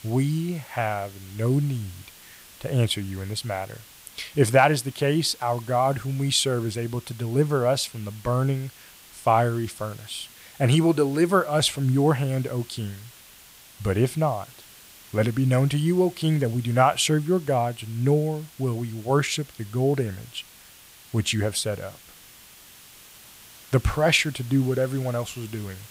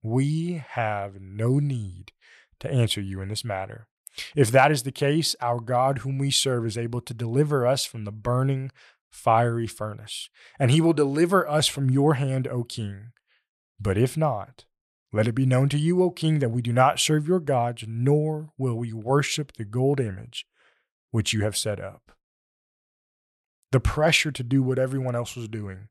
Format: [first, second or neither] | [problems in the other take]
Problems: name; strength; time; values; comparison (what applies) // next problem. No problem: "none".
second | hiss; faint; throughout; 20 dB below the speech